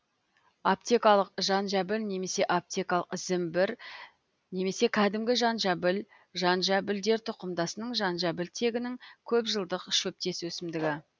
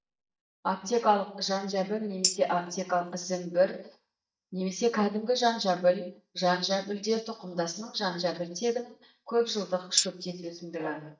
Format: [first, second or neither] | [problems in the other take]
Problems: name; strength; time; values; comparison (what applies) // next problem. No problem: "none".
first | noise reduction (neural mask model DeepFilterNet 3)